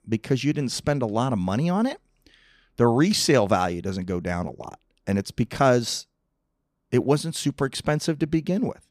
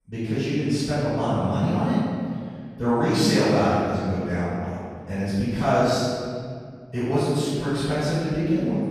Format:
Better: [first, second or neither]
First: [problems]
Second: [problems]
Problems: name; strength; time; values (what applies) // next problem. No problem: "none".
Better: first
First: none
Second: off-mic speech; far // room echo; strong; dies away in 2 s